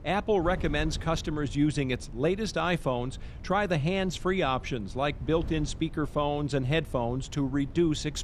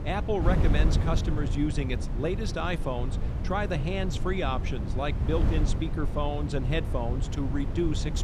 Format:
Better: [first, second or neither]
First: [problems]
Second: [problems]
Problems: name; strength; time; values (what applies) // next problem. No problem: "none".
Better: first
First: wind noise on the microphone; occasional gusts; 25 dB below the speech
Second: wind noise on the microphone; heavy; 8 dB below the speech